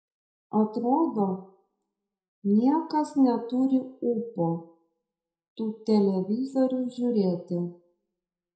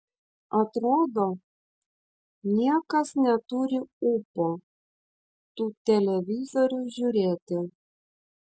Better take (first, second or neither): second